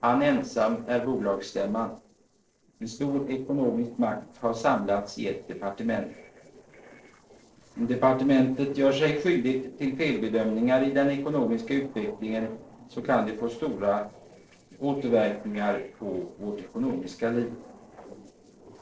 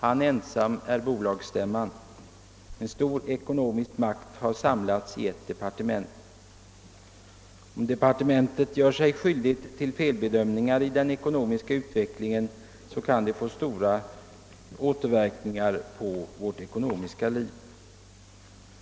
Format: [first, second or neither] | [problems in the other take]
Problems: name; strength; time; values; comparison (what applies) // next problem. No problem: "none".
second | noise reduction (neural separator model SepFormer DNS4)